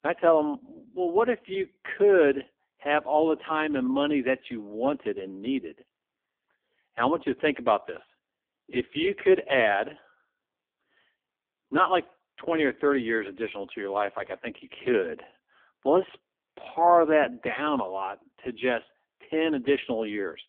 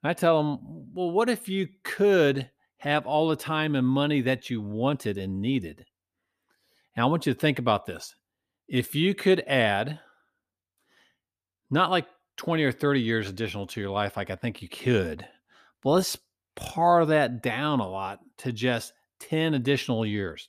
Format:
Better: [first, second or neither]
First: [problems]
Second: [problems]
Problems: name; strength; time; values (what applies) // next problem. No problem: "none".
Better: second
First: phone-call audio; poor line; nothing above 3.5 kHz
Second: none